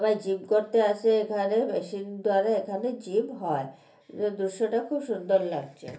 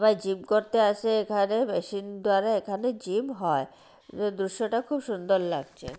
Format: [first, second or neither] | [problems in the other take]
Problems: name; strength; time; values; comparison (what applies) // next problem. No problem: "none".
second | room echo; dies away in 0.3 s